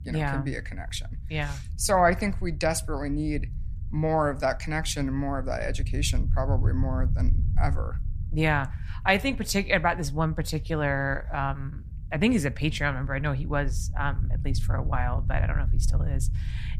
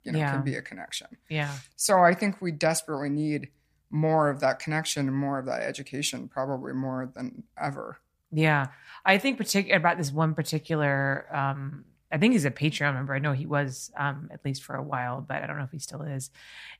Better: second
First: low rumble; faint; throughout; 20 dB below the speech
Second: none

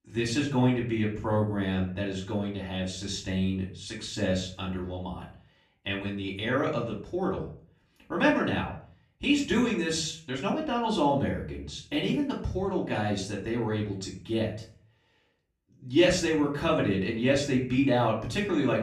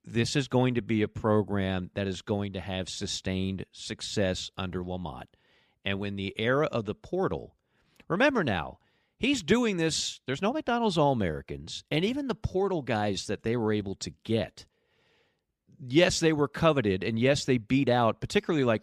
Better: second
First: room echo; slight; dies away in 0.4 s // off-mic speech; far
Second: none

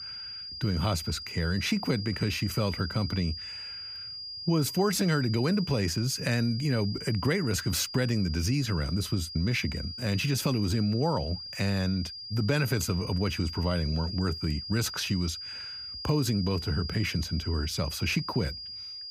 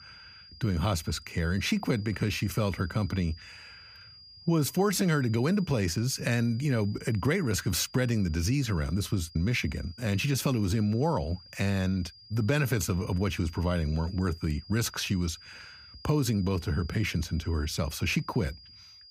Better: second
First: high-pitched whine; loud; throughout; 5 kHz, 8 dB below the speech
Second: high-pitched whine; faint; throughout; 5 kHz, 20 dB below the speech

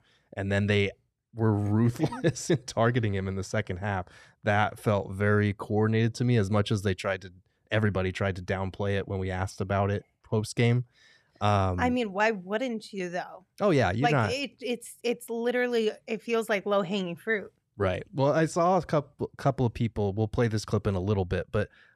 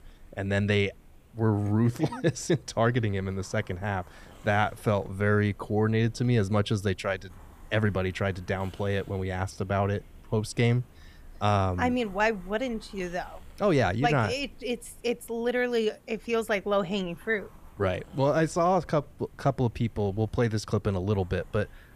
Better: first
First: none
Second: hiss; faint; throughout; 25 dB below the speech

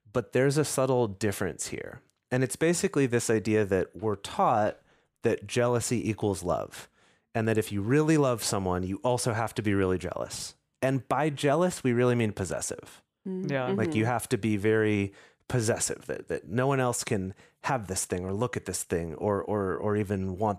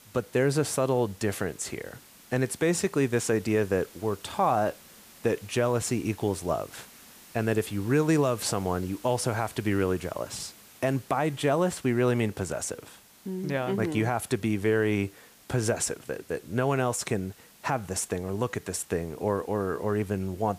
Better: first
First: none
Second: hiss; faint; throughout; 20 dB below the speech

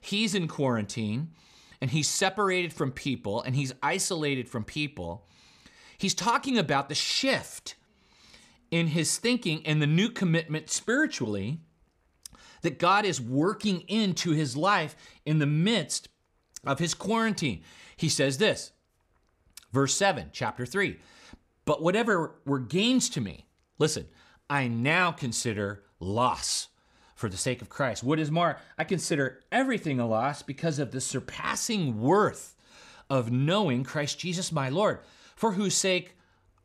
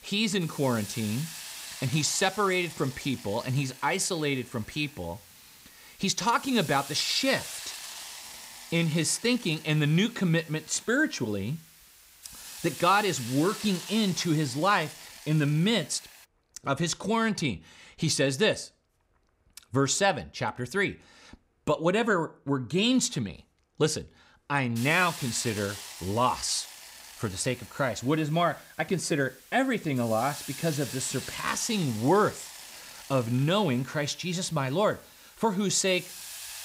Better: first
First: none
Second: hiss; noticeable; until 16 s and from 25 s on; 15 dB below the speech

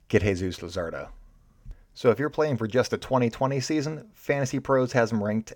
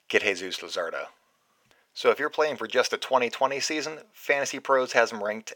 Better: first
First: none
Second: thin; very; fading below 550 Hz

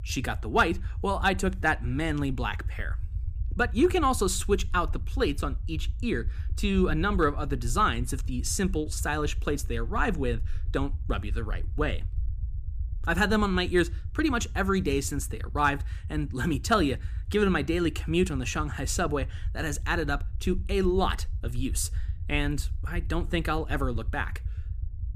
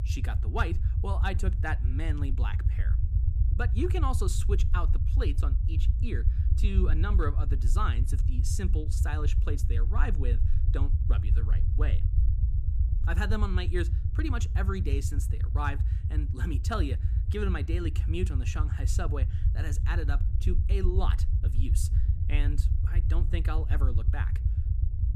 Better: first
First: low rumble; faint; throughout; 25 dB below the speech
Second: low rumble; loud; throughout; 8 dB below the speech

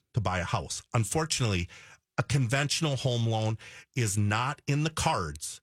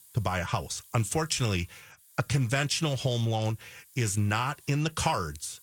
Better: first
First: none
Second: hiss; faint; throughout; 25 dB below the speech

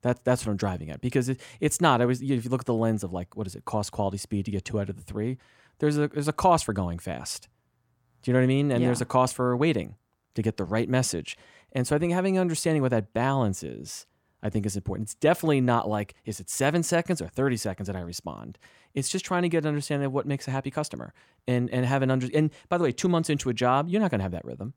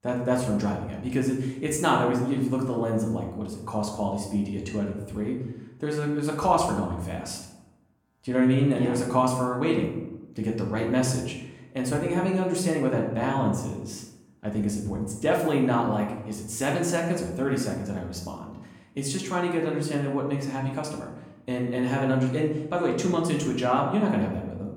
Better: first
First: none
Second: room echo; noticeable; dies away in 0.8 s // off-mic speech; far

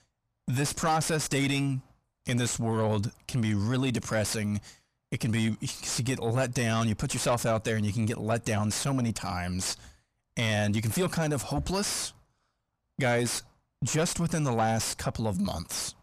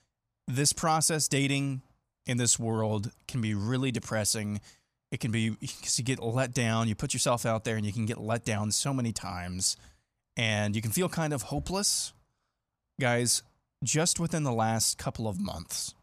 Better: second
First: distortion; heavy; 6 dB below the speech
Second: none

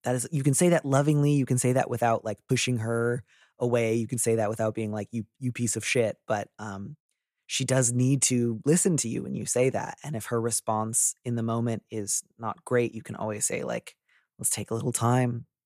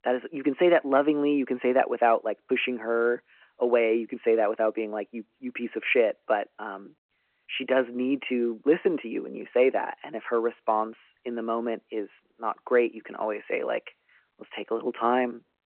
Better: first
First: none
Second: phone-call audio

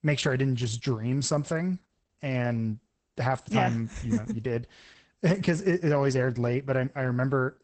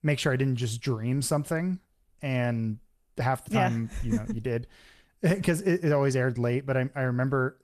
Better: second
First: garbled, watery; badly; nothing above 8 kHz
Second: garbled, watery; slightly; nothing above 13.5 kHz

